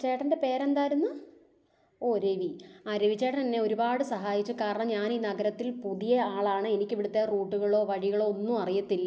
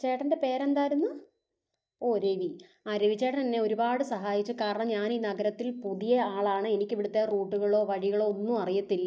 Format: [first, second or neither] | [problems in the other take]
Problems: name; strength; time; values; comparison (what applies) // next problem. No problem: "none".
first | noise reduction (neural mask model DeepFilterNet 3)